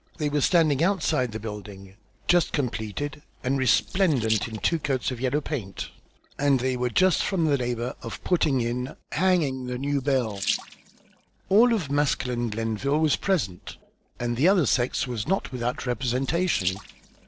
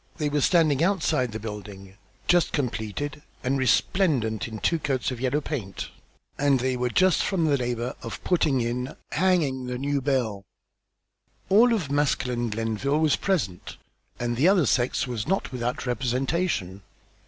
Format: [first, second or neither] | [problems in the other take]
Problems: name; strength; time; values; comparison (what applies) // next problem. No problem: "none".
second | noise reduction (neural separator model SepFormer DNS4)